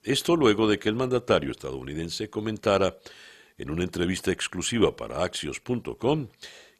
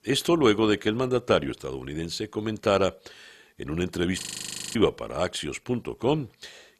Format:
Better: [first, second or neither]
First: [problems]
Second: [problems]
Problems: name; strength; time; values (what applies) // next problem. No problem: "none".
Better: first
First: none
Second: audio freezing; at 4 s for 0.5 s